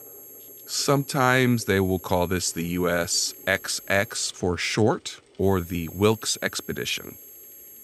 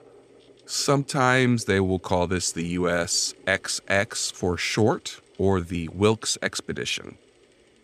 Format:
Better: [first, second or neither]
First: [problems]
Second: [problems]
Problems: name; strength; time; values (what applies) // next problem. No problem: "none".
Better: second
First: high-pitched whine; noticeable; until 4 s and from 5.5 s on; 11.5 kHz, 20 dB below the speech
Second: none